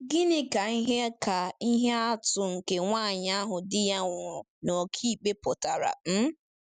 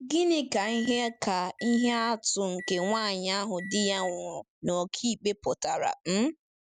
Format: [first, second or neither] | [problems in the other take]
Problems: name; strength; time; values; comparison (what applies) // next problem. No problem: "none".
first | background sound (Microwave oven); 14 dB below the speech